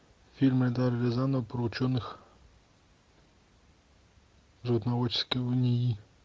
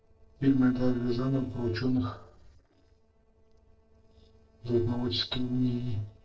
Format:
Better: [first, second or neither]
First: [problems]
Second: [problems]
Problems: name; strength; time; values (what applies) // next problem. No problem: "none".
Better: first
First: none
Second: noise reduction (neural separator model SepFormer DNS4)